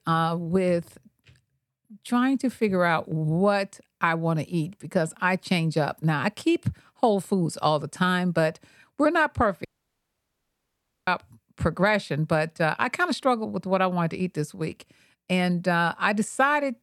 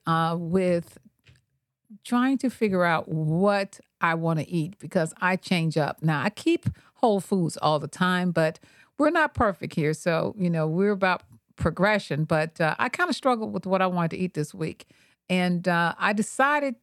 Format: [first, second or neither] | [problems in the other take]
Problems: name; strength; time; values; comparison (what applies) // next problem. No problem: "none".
second | audio cutting out; at 9.5 s for 1.5 s